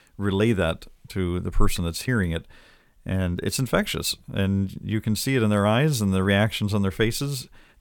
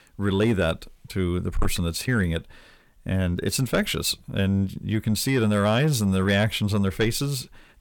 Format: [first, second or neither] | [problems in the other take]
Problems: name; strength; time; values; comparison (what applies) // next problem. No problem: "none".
first | distortion; slight; 10 dB below the speech